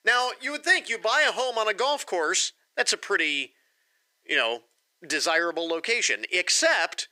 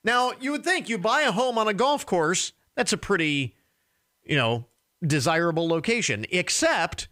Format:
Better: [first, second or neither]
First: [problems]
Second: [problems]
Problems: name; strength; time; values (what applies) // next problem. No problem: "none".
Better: second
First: thin; very; fading below 350 Hz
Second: none